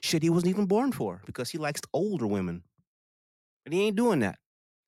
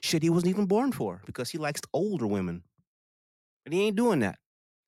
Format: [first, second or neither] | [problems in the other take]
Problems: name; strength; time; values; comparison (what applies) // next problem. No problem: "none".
neither | none